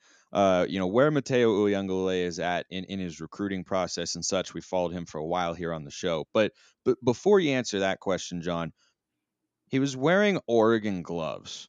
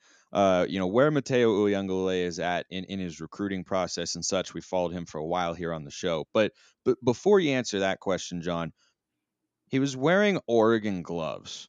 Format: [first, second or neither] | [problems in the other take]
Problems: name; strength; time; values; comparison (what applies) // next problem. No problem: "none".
neither | none